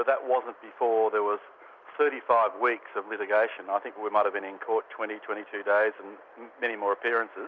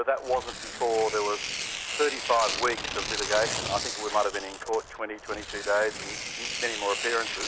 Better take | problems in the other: first | background sound (Tearing); 5 dB below the speech

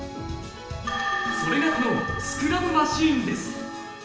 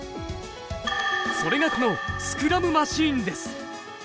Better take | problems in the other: second | room echo; dies away in 1.1 s

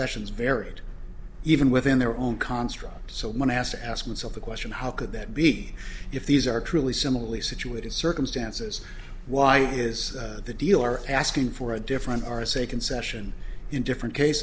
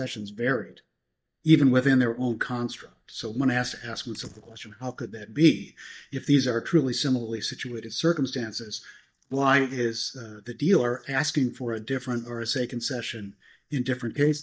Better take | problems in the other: first | noise reduction (neural mask model DeepFilterNet 3)

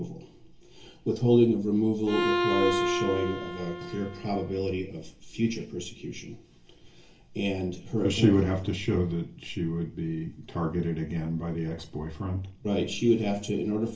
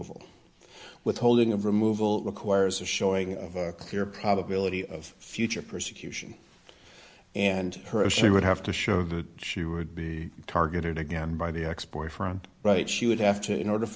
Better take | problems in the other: second | background sound (Bowed string instrument); 2 dB below the speech // room echo; dies away in 0.3 s

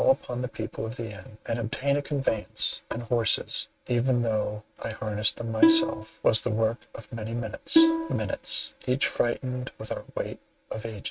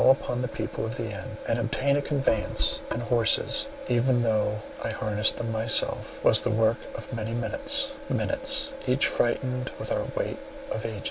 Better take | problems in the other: second | noise reduction (neural mask model RNNoise)

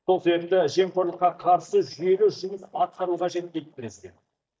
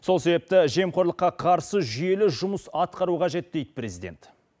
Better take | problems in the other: second | noise reduction (neural mask model DeepFilterNet 3)

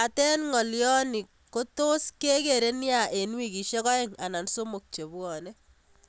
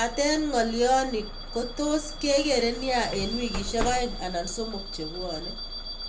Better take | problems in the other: first | background sound (Bus / Alarm); 7 dB below the speech // room echo; dies away in 0.3 s

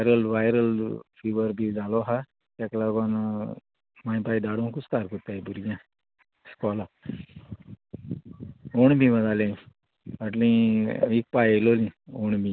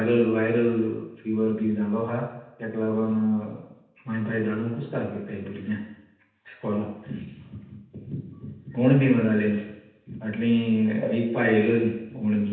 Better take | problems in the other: first | room echo; dies away in 0.9 s

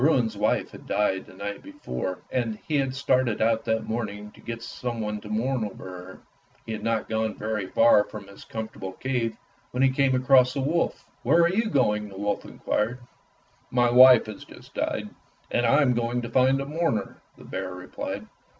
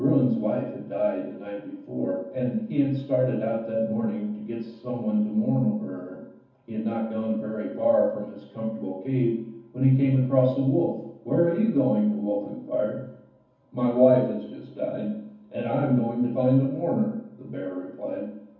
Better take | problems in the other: first | room echo; dies away in 0.9 s

